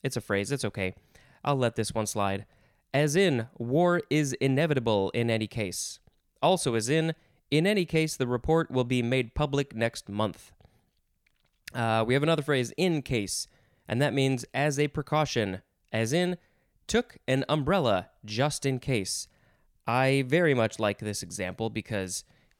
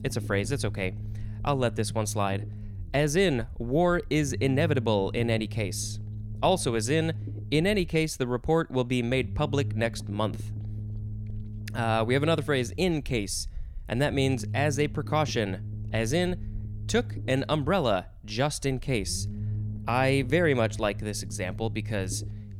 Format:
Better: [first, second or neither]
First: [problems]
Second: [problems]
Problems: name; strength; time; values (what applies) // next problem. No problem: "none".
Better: first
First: none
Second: low rumble; faint; throughout; 20 dB below the speech